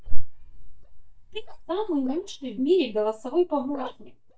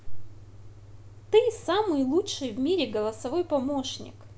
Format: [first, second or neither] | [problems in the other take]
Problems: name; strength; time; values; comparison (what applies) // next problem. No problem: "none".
second | noise reduction (neural mask model DeepFilterNet 3)